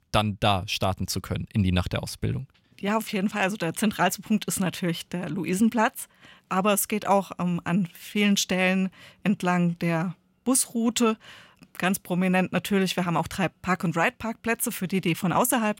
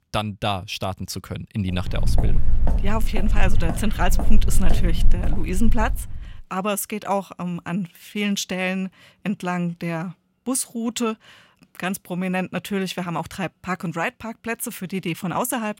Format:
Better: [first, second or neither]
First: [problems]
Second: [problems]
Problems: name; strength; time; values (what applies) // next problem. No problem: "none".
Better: first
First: none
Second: footsteps; loud; from 2 to 6 s; peak 3 dB above the speech